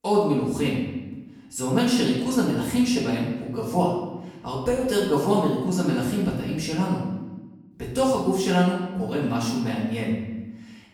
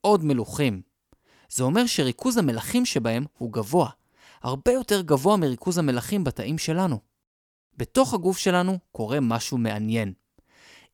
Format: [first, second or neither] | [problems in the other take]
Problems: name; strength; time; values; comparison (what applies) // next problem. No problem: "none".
second | off-mic speech; far // room echo; noticeable; dies away in 1 s